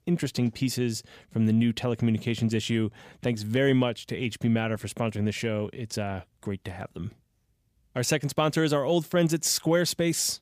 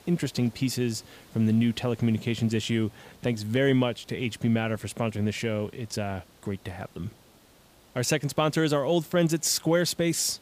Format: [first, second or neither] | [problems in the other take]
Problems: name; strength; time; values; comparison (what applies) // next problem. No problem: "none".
first | hiss; faint; throughout; 30 dB below the speech